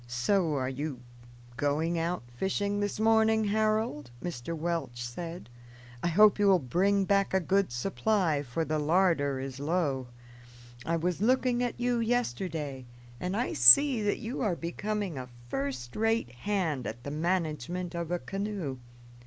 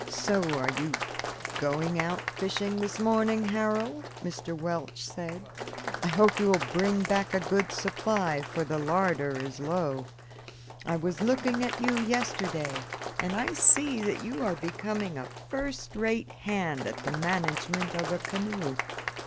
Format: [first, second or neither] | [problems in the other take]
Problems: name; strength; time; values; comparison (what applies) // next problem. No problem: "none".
first | background sound (Applause); 8 dB below the speech